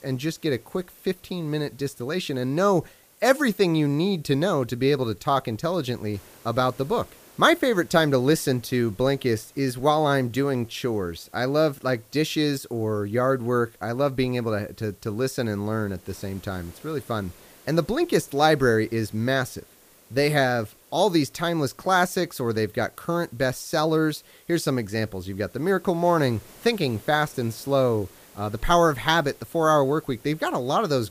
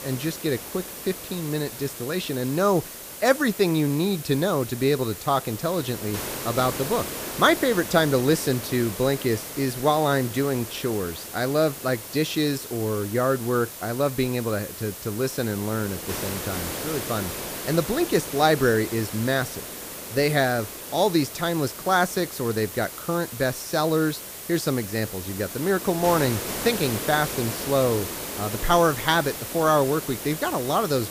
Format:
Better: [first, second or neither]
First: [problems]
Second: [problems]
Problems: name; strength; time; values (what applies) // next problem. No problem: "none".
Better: first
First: hiss; faint; throughout; 25 dB below the speech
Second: hiss; loud; throughout; 8 dB below the speech